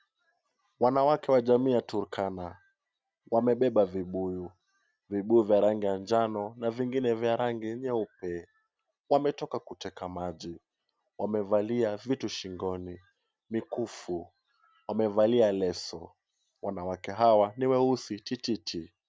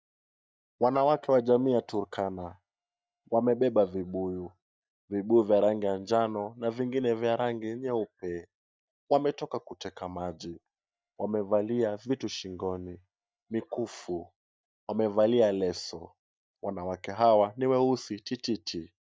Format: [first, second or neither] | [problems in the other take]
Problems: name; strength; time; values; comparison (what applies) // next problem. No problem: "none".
first | noise reduction (neural mask model DeepFilterNet 3)